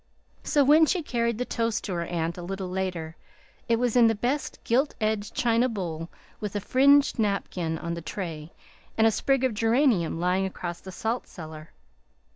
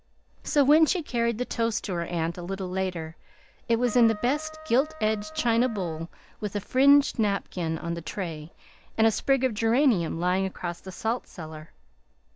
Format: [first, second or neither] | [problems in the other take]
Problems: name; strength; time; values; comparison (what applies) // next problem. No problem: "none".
first | background sound (Trumpet); 17 dB below the speech